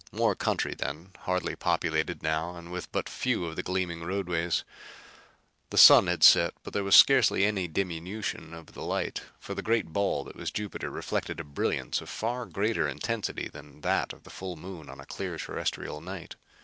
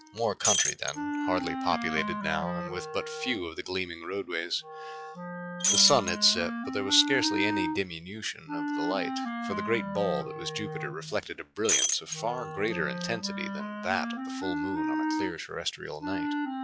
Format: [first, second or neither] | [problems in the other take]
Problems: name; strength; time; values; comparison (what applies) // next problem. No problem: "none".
first | noise reduction (classical method log-MMSE)